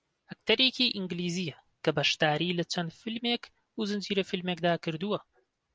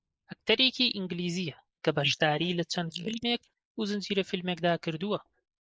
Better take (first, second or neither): first